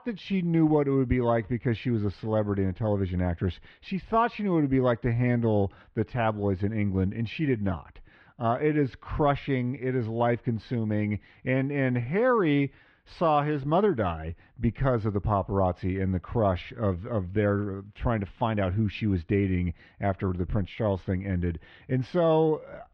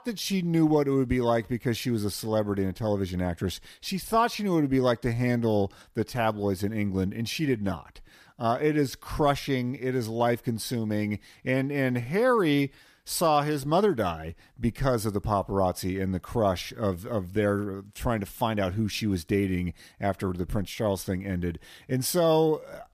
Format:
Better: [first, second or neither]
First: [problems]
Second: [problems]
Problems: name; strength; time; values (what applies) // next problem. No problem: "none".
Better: second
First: muffled; very; fading above 3 kHz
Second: none